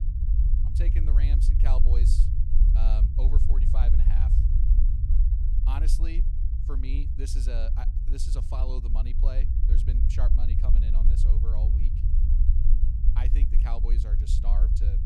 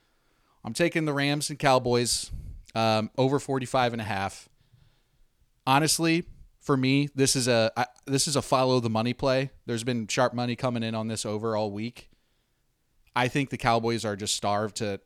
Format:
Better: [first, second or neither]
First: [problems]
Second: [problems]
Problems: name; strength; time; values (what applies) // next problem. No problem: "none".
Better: second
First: low rumble; loud; throughout; 2 dB below the speech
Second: none